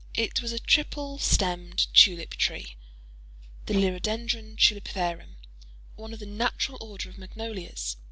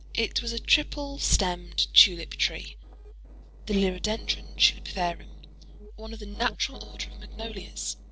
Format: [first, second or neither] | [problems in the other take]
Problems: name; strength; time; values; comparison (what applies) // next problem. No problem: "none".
first | noise reduction (neural separator model SepFormer DNS4)